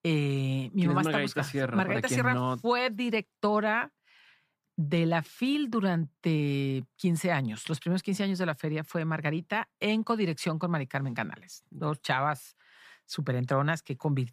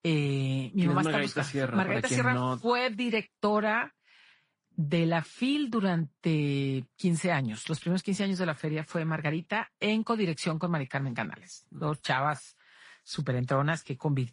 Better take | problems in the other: first | garbled, watery; slightly; nothing above 10.5 kHz

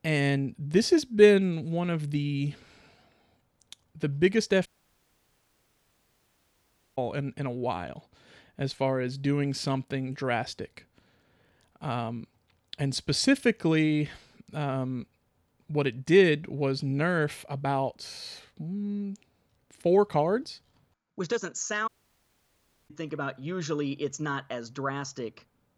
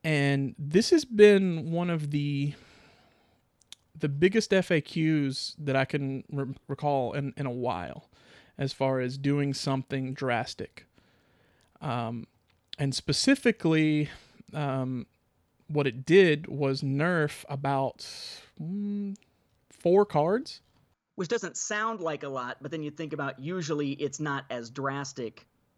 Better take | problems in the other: second | audio cutting out; at 4.5 s for 2.5 s and at 22 s for 1 s

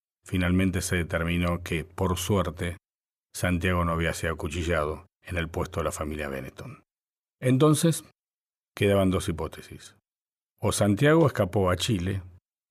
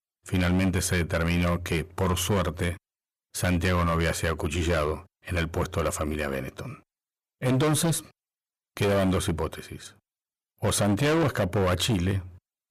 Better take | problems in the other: first | distortion; heavy; 13% of the sound clipped

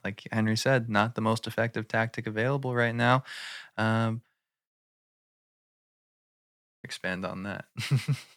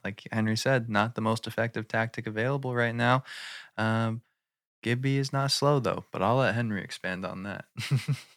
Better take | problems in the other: second | audio freezing; at 5 s for 2 s

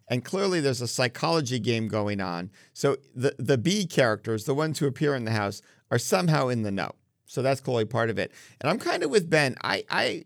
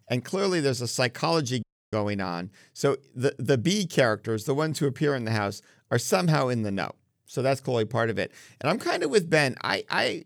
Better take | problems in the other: first | audio cutting out; at 1.5 s

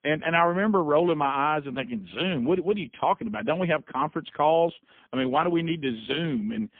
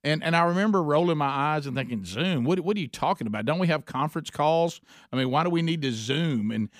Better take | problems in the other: second | phone-call audio; poor line; nothing above 3.5 kHz

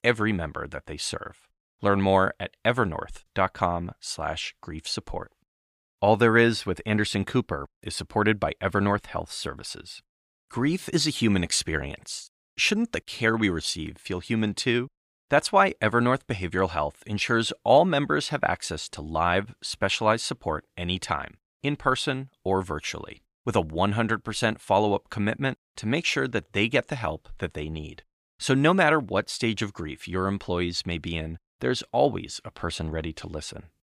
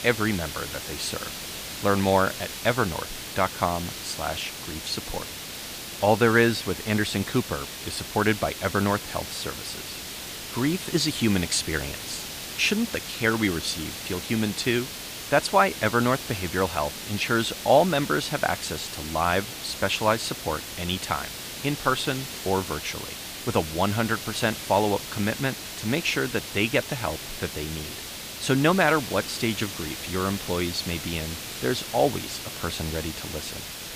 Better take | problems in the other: first | hiss; loud; throughout; 8 dB below the speech

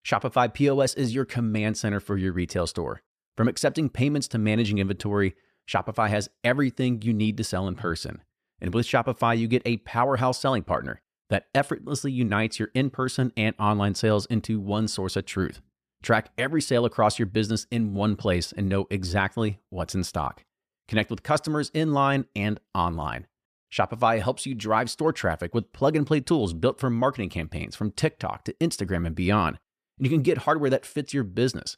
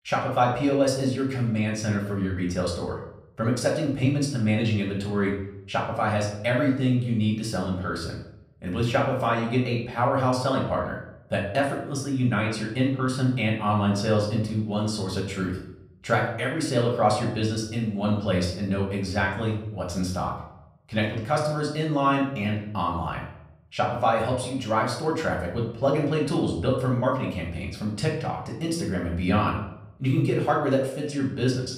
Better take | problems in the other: first | off-mic speech; far // room echo; noticeable; dies away in 0.6 s

